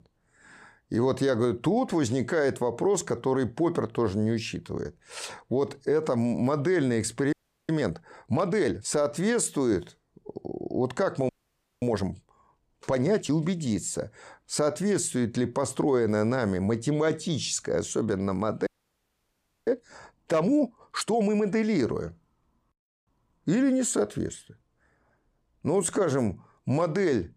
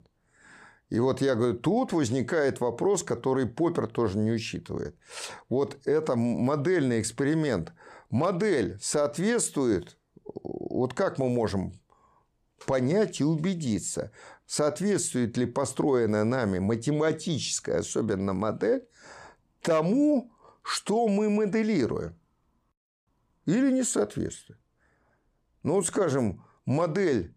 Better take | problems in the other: second | audio freezing; at 7.5 s, at 11 s for 0.5 s and at 19 s for 1 s

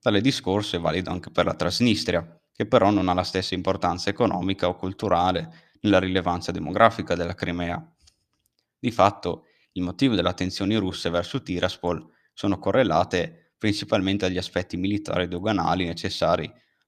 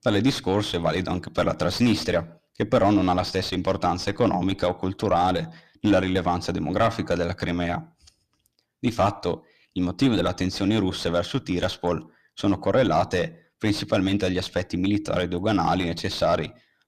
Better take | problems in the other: first | distortion; heavy; 7 dB below the speech

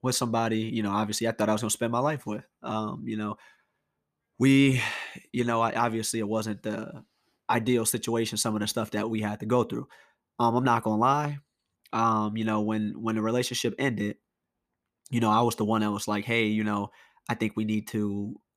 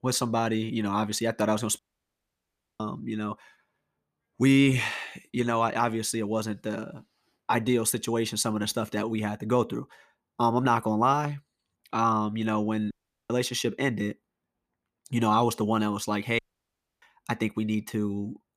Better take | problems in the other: first | audio cutting out; at 2 s for 1 s, at 13 s and at 16 s for 0.5 s

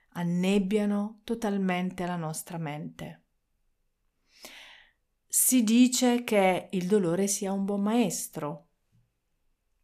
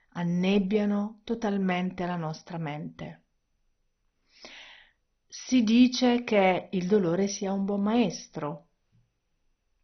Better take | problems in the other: first | garbled, watery; badly; nothing above 6 kHz

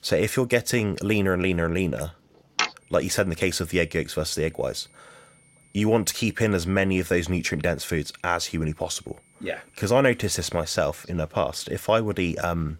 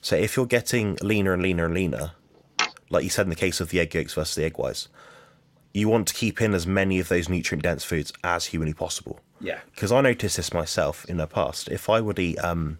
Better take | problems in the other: second | high-pitched whine; faint; from 3 to 11 s; 9 kHz, 35 dB below the speech

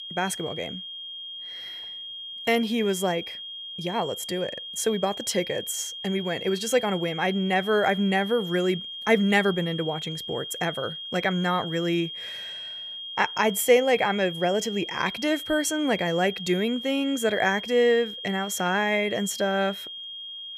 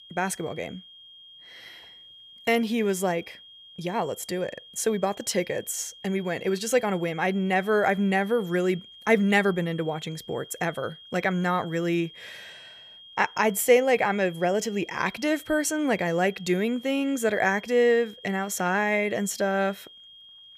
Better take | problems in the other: second | high-pitched whine; loud; throughout; 3 kHz, 9 dB below the speech; faint in the second

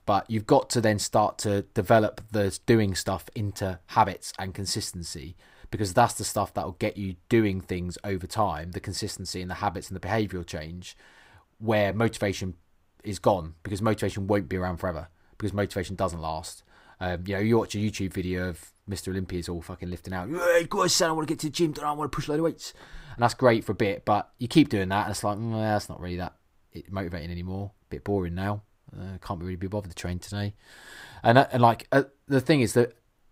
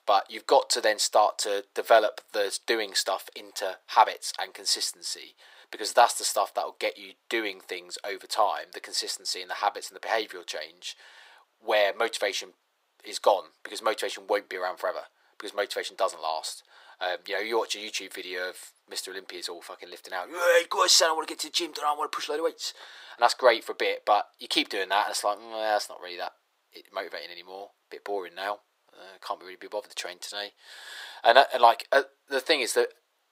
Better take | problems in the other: first | thin; very; fading below 450 Hz

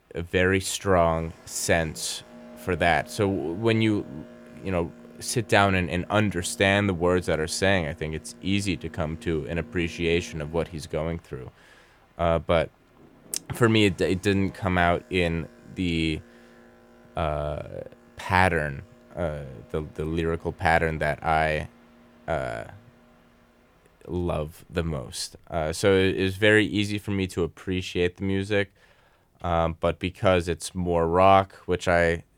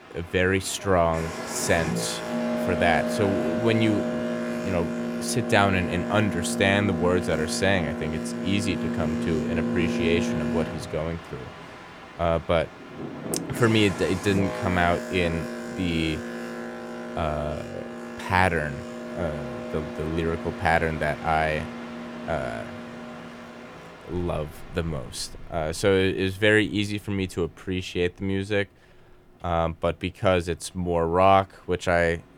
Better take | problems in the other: first | train or aircraft noise; loud; throughout; 6 dB below the speech; faint in the first

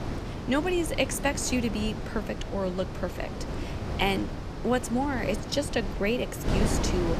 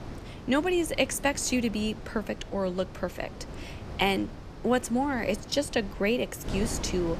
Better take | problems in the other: second | wind noise on the microphone; heavy; 7 dB below the speech; occasional gusts in the second

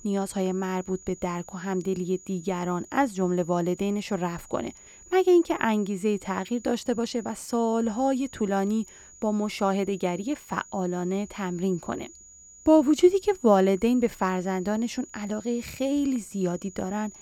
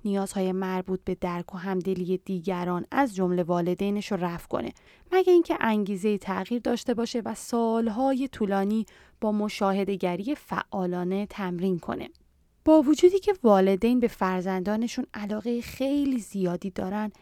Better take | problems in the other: second | high-pitched whine; faint; throughout; 7 kHz, 20 dB below the speech

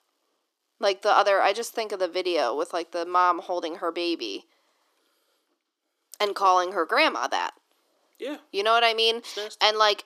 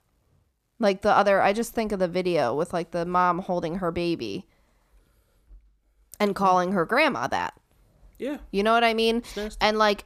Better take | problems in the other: second | thin; very; fading below 300 Hz

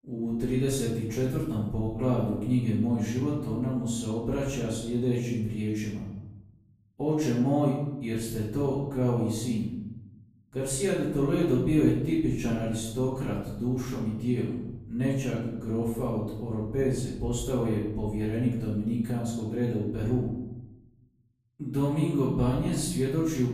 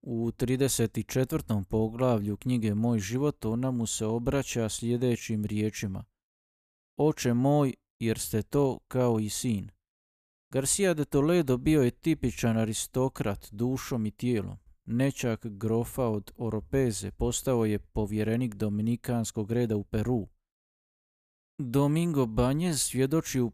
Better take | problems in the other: second | off-mic speech; far // room echo; noticeable; dies away in 1 s

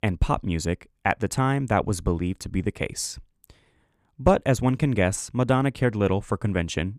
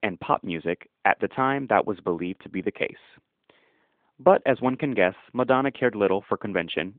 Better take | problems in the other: first | phone-call audio

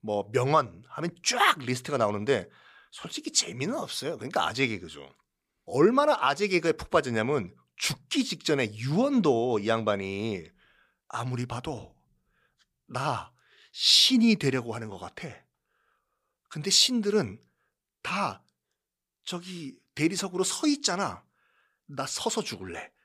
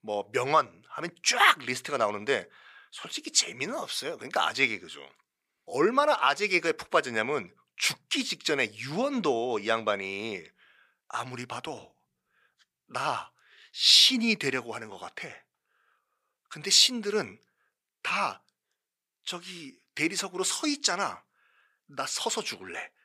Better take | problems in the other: first | thin; very slightly; fading below 500 Hz

